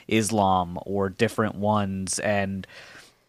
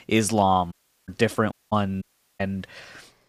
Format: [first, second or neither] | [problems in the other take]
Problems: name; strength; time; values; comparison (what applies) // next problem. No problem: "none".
first | audio cutting out; at 0.5 s, at 1.5 s and at 2 s